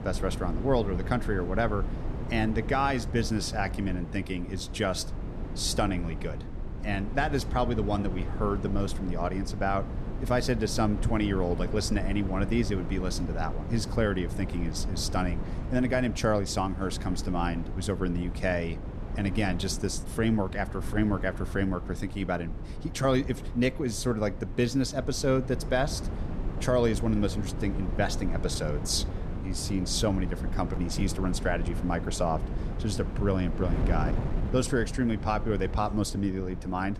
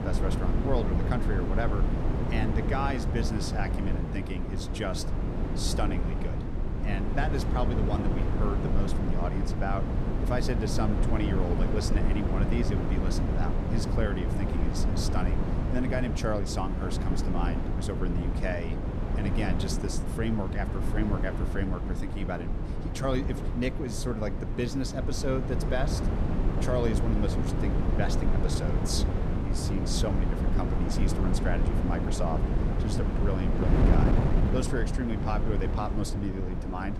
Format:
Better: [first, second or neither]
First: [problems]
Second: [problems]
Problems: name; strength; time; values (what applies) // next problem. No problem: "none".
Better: first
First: wind noise on the microphone; occasional gusts; 10 dB below the speech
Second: wind noise on the microphone; heavy; 2 dB below the speech